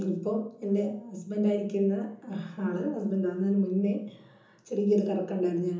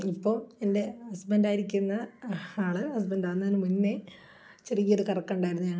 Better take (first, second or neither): second